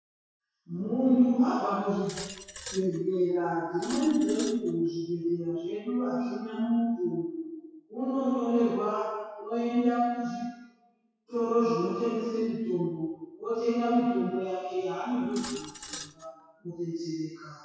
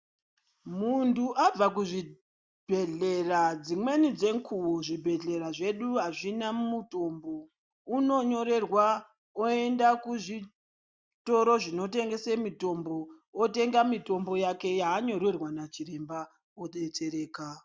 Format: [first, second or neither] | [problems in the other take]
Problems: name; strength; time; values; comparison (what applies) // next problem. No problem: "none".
second | noise reduction (classical method WPE with log-MMSE)